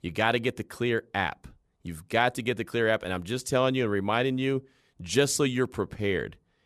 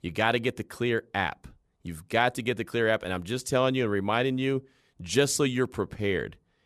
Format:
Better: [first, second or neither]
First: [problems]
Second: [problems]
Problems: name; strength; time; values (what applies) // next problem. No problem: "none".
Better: neither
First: none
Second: none